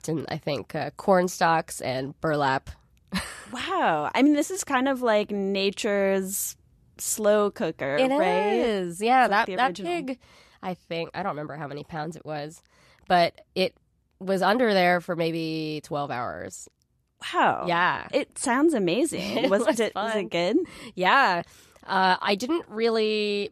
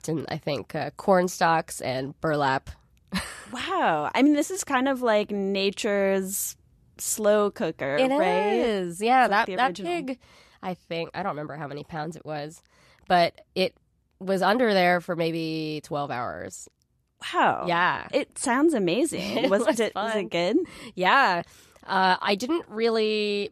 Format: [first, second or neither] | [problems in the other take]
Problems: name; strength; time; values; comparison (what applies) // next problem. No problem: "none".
neither | none